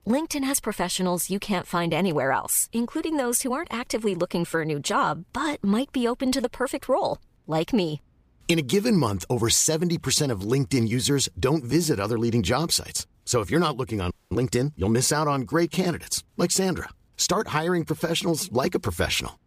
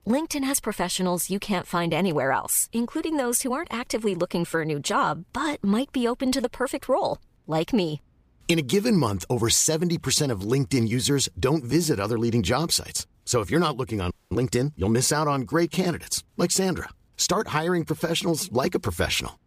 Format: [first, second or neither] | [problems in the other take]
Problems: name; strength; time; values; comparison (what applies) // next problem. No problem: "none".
neither | audio freezing; at 14 s; the same in both